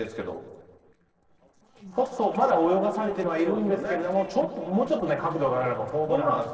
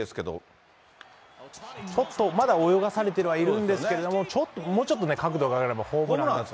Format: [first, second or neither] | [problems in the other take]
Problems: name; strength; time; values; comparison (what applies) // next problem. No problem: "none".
second | noise reduction (neural separator model SepFormer DNS4)